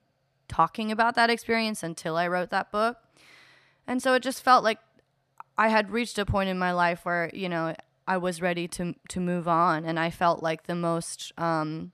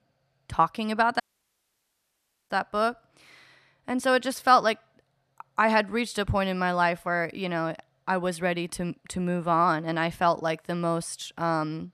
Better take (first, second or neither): first